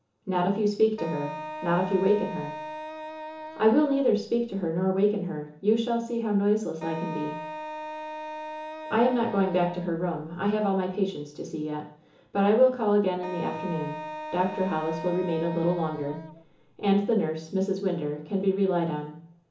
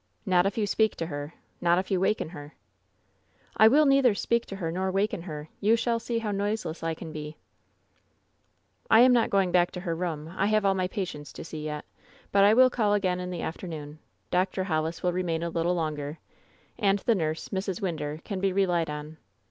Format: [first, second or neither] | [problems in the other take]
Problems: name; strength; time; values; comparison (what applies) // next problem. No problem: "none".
second | background sound (Wind instrument, woodwind instrument); 11 dB below the speech // room echo; dies away in 0.8 s